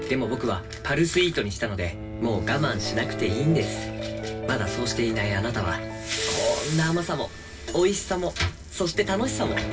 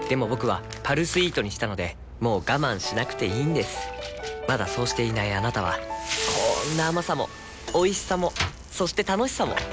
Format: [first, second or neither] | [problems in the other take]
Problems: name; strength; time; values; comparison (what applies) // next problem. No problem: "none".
second | background sound (Bowed string instrument); 10 dB below the speech // room echo; dies away in 0.1 s